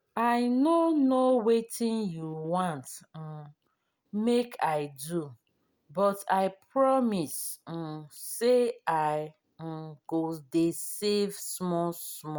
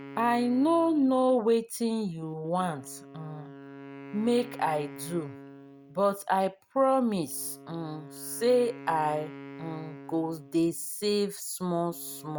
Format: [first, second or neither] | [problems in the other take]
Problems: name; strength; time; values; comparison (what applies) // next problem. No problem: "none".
first | background sound (Wind instrument, woodwind instrument); 17 dB below the speech